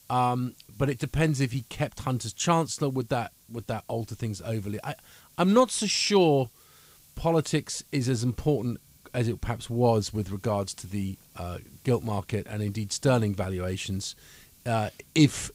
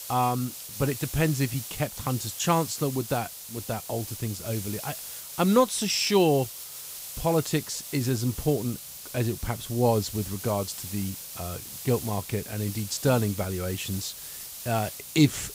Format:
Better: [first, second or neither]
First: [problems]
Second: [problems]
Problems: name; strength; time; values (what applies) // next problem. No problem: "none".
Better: first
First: hiss; faint; throughout; 25 dB below the speech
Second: hiss; loud; throughout; 9 dB below the speech